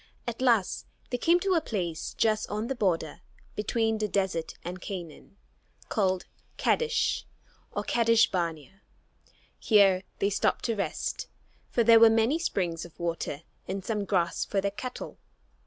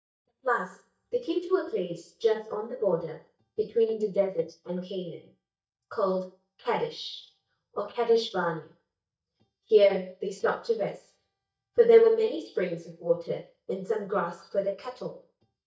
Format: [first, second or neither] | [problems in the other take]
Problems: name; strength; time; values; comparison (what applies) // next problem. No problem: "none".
first | noise reduction (neural mask model DeepFilterNet 3)